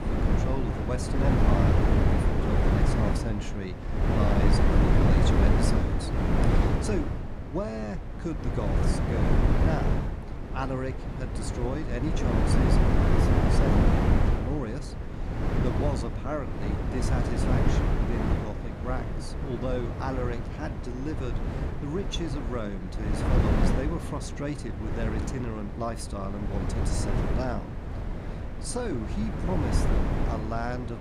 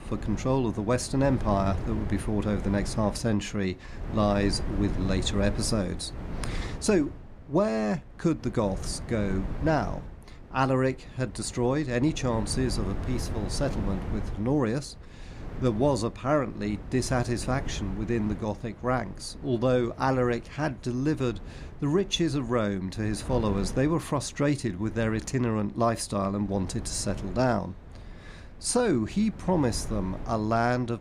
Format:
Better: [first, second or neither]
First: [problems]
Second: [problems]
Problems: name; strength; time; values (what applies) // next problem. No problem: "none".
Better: second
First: wind noise on the microphone; heavy; 3 dB above the speech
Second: wind noise on the microphone; occasional gusts; 15 dB below the speech